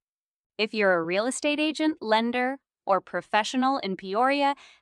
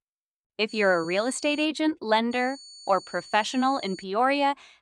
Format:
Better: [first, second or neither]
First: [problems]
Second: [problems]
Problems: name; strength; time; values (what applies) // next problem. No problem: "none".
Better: first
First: none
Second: high-pitched whine; noticeable; at 0.5 s and from 2.5 to 4 s; 4.5 kHz, 20 dB below the speech